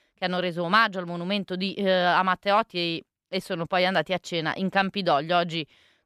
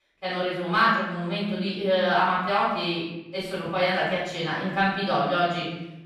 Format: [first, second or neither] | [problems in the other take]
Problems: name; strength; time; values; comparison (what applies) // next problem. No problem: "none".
first | off-mic speech; far // room echo; strong; dies away in 0.9 s